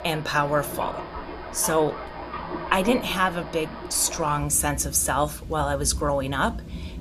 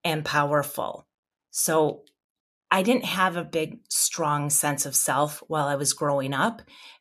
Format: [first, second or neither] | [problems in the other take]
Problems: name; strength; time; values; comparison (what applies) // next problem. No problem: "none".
second | rain or running water; noticeable; throughout; 10 dB below the speech